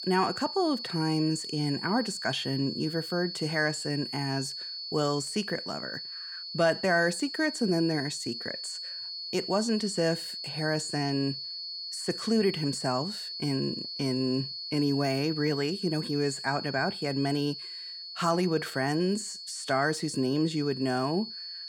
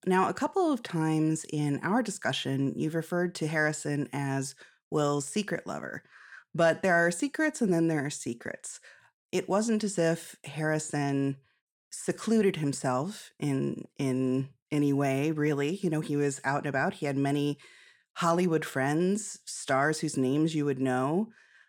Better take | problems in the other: second | high-pitched whine; loud; throughout; 4.5 kHz, 6 dB below the speech

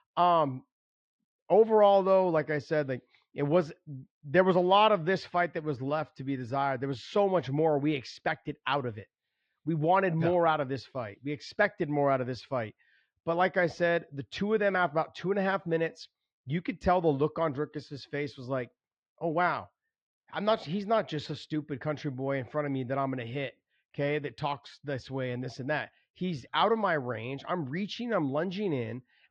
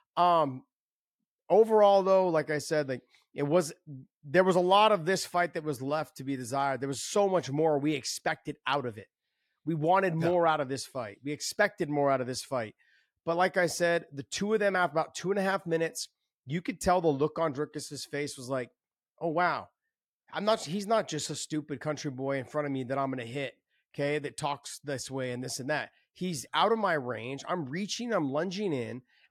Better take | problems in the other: second | muffled; slightly; fading above 4 kHz

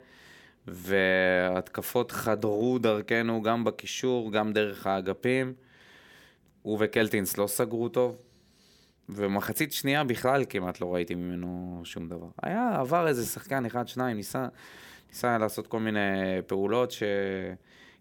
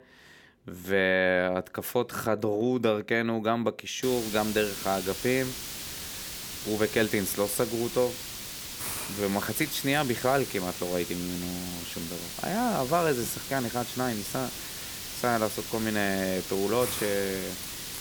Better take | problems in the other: first | hiss; loud; from 4 s on; 7 dB below the speech

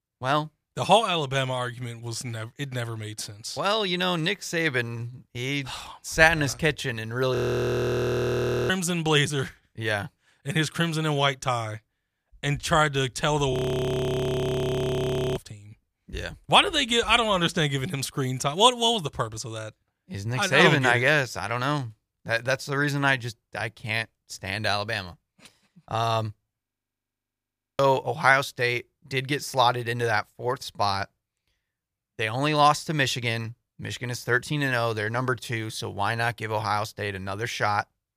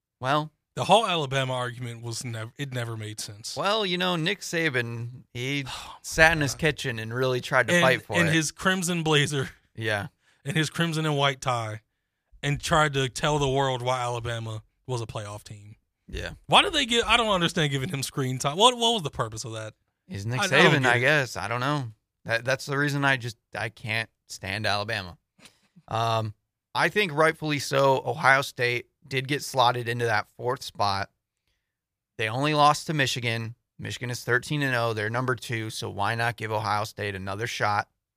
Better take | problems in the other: second | audio freezing; at 7.5 s for 1.5 s, at 14 s for 2 s and at 27 s for 1 s

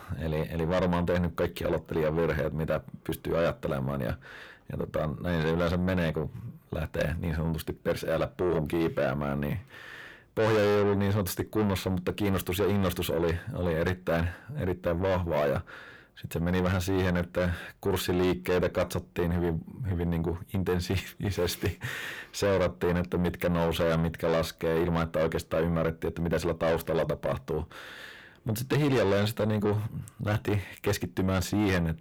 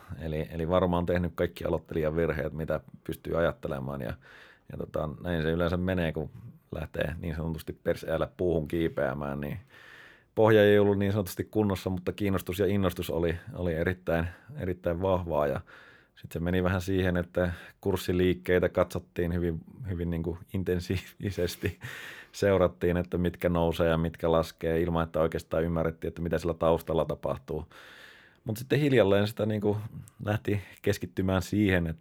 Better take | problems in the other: second | distortion; heavy; 6 dB below the speech

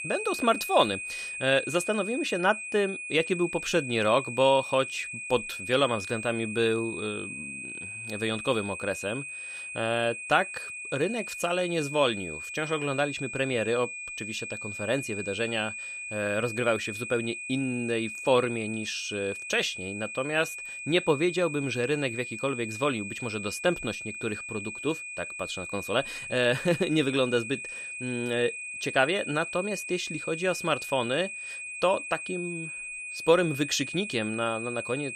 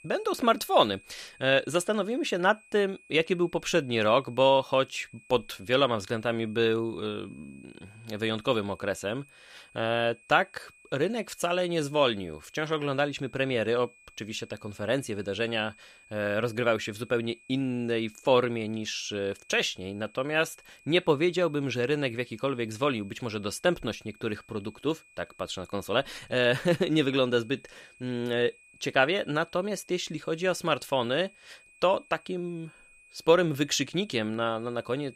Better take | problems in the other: second | high-pitched whine; loud; throughout; 2.5 kHz, 7 dB below the speech; faint in the second

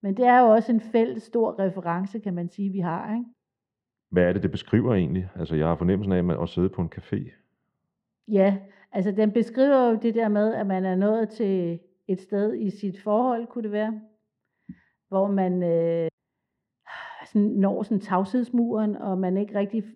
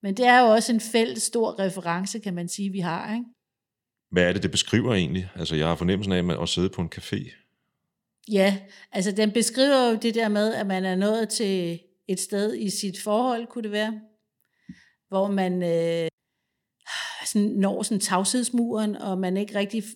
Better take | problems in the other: second | muffled; very; fading above 3.5 kHz

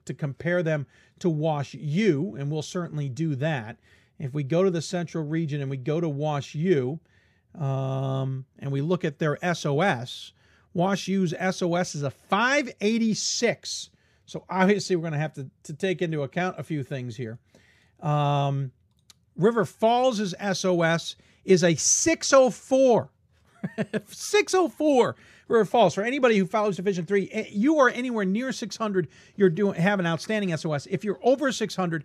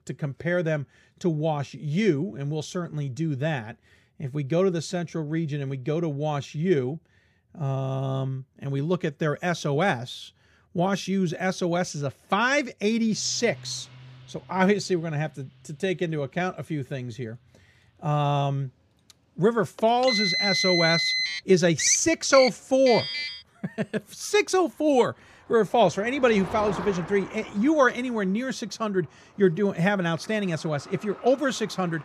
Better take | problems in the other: first | traffic noise; loud; from 13 s on; 2 dB below the speech

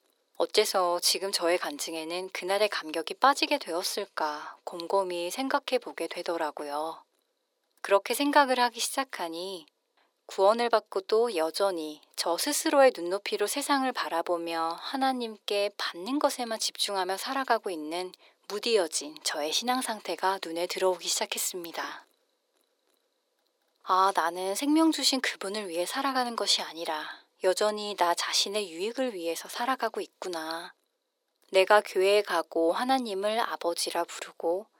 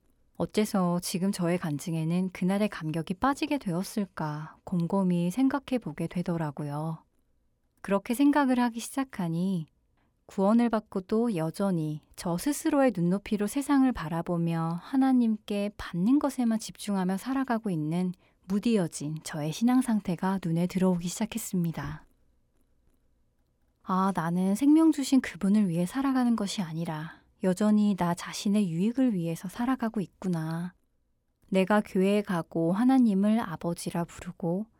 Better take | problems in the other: second | thin; very; fading below 400 Hz

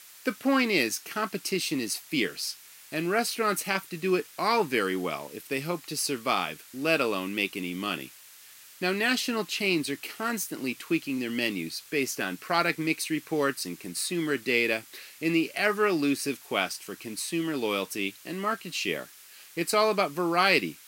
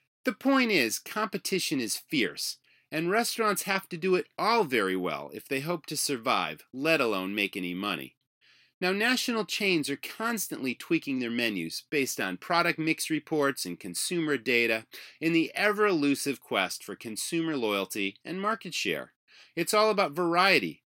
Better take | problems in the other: second | hiss; noticeable; throughout; 20 dB below the speech

